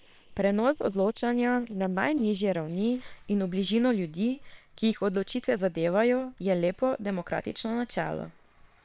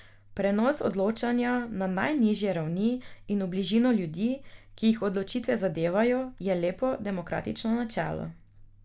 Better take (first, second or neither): second